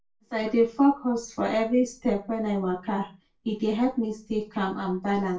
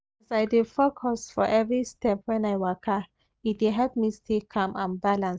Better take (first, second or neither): second